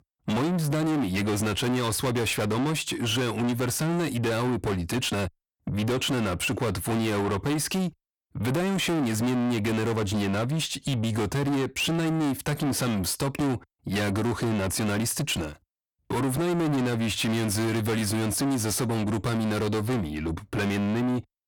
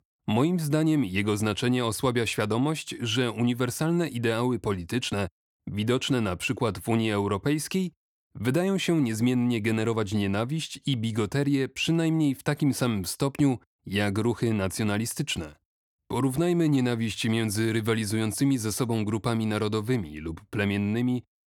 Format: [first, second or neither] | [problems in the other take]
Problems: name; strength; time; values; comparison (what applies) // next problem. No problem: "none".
second | distortion; heavy; 7 dB below the speech